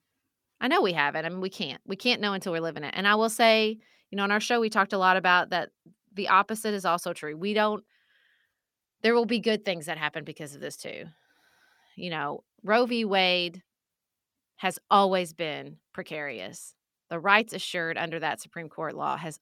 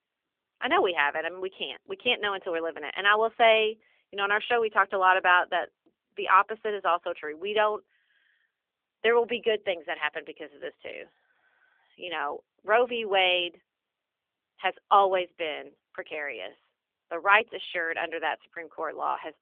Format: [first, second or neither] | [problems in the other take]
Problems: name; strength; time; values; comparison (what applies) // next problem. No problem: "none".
first | phone-call audio; nothing above 3.5 kHz